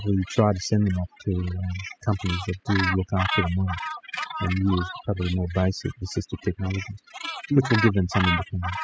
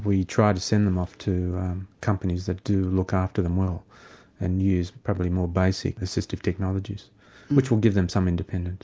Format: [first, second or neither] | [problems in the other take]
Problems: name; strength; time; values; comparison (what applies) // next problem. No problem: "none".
second | noise reduction (classical method spectral subtraction)